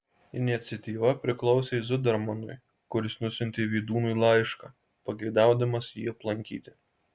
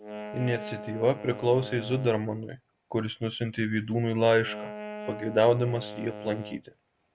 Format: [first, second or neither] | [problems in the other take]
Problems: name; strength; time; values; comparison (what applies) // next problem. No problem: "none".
first | background sound (Wind instrument, woodwind instrument); 13 dB below the speech